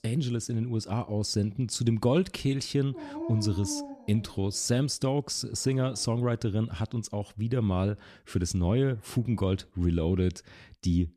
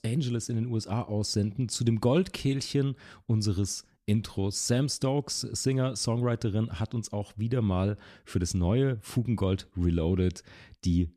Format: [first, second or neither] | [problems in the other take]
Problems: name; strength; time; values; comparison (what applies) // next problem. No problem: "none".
second | dog barking; noticeable; from 3 to 9 s; peak 7 dB below the speech